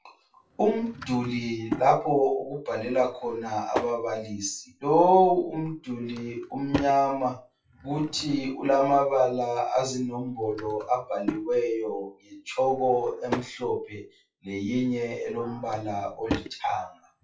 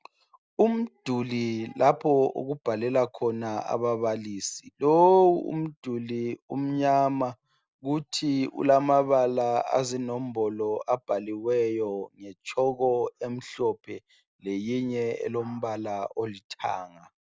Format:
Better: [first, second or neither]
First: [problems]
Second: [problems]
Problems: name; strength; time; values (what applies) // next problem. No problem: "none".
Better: second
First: noise reduction (classical method WPE with log-MMSE)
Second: none